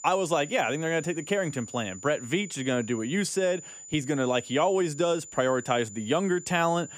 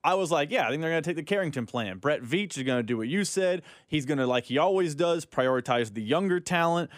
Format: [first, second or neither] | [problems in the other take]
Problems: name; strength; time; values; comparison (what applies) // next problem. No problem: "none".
second | high-pitched whine; noticeable; throughout; 7 kHz, 15 dB below the speech